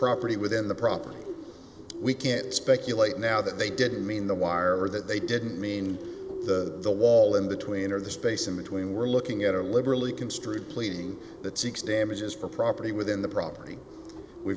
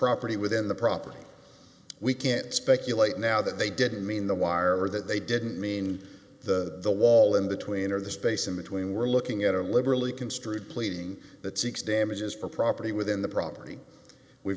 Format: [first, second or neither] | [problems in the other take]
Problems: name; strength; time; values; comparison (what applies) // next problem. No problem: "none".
second | background sound (Bird); 13 dB below the speech